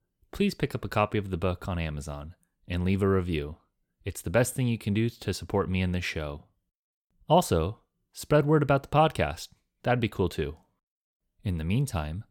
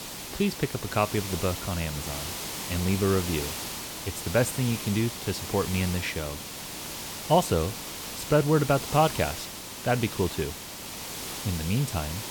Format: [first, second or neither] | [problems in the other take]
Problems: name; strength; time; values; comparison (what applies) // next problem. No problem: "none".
first | hiss; loud; throughout; 7 dB below the speech